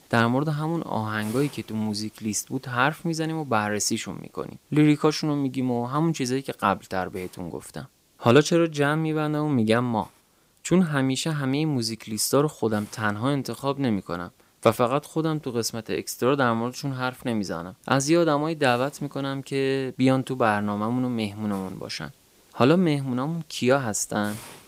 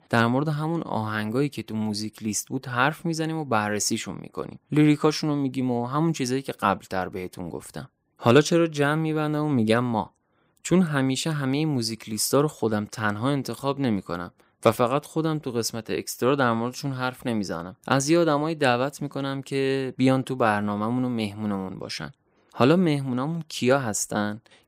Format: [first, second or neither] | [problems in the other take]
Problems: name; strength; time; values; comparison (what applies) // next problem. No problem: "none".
second | hiss; faint; throughout; 30 dB below the speech